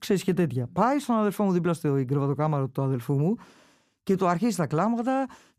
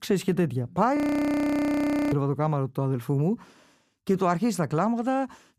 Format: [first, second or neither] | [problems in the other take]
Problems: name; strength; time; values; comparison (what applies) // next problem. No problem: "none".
first | audio freezing; at 1 s for 1 s